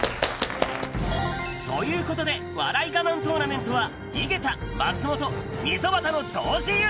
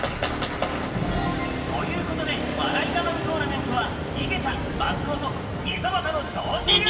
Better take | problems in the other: first | background sound (Motor vehicle (road)); 1 dB below the speech // room echo; dies away in 2.5 s

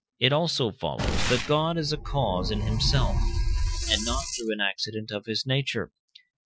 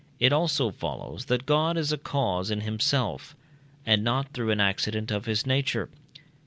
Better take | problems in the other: second | noise reduction (classical method Wiener filter)

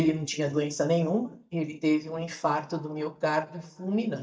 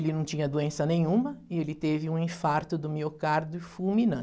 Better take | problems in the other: second | noise reduction (neural mask model DeepFilterNet 3)

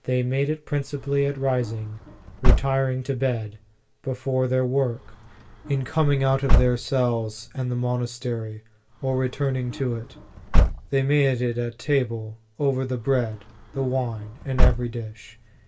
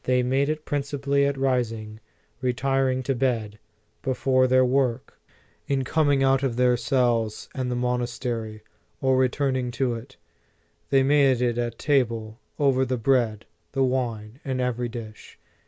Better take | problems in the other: second | background sound (Slam / Car); 1 dB below the speech // room echo; dies away in 0.2 s

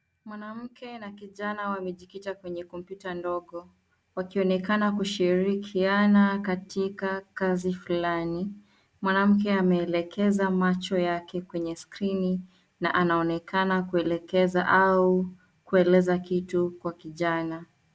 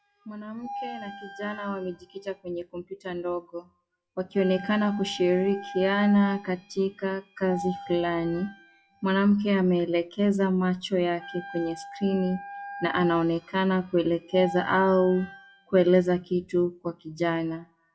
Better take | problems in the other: first | noise reduction (classical method WPE with log-MMSE)

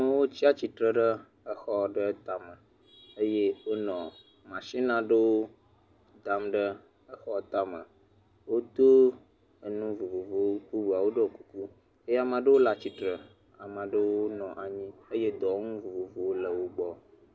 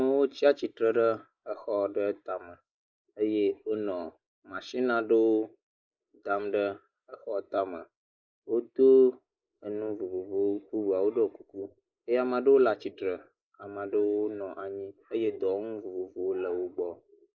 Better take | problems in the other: first | noise reduction (neural mask model Resemble Enhance denoiser)

